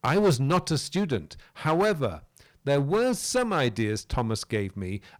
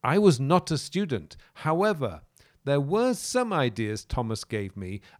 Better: second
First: distortion; heavy; 7% of the sound clipped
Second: none

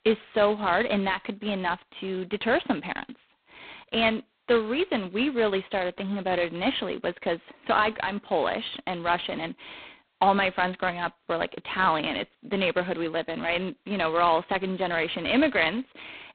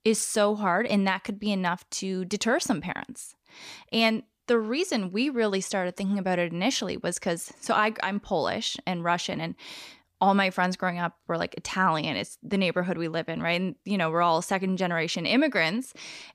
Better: second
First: phone-call audio; poor line; nothing above 4 kHz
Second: none

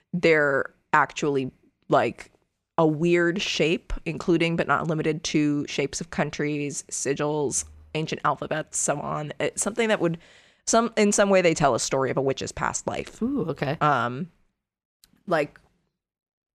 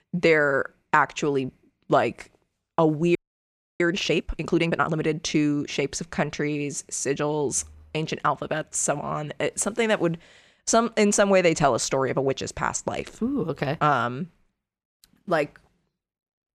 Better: first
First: none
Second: audio freezing; at 3 s for 0.5 s

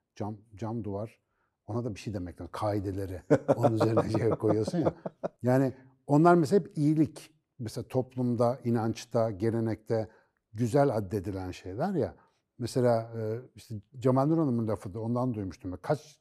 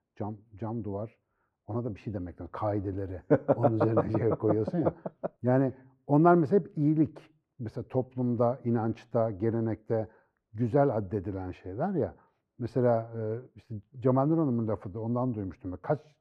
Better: first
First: none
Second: muffled; very; fading above 4 kHz

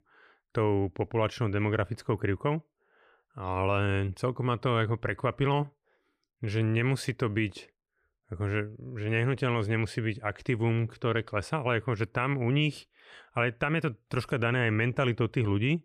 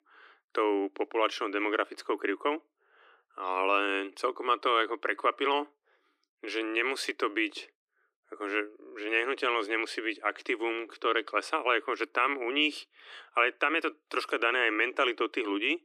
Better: first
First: none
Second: thin; very; fading below 300 Hz

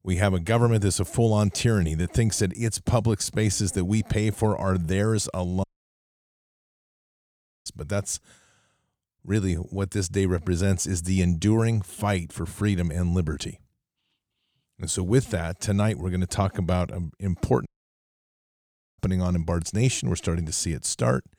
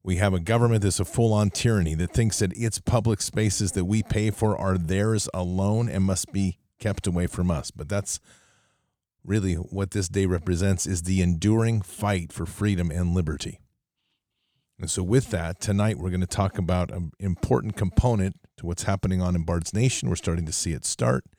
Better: second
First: audio cutting out; at 5.5 s for 2 s and at 18 s for 1.5 s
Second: none

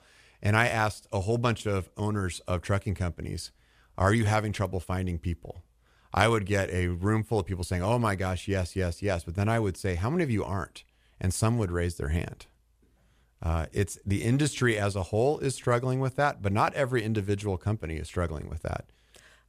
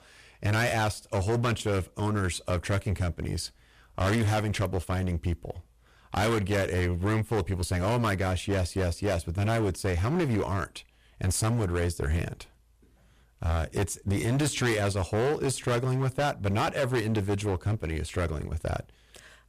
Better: first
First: none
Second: distortion; heavy; 15% of the sound clipped

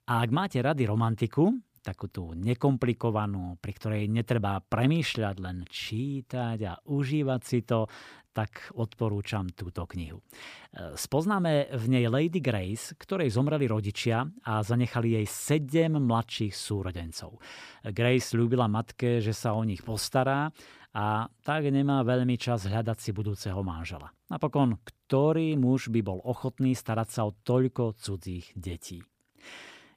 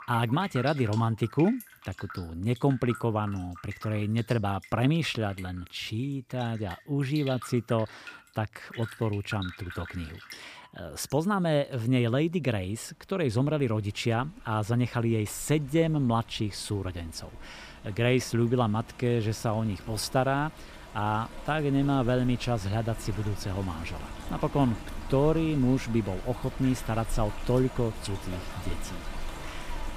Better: first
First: none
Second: rain or running water; noticeable; throughout; 15 dB below the speech

